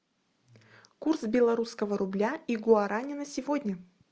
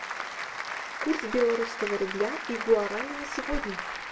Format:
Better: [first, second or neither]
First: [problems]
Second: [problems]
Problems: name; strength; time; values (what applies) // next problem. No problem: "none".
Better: first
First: none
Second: background sound (Applause); 5 dB below the speech // room echo; dies away in 0.2 s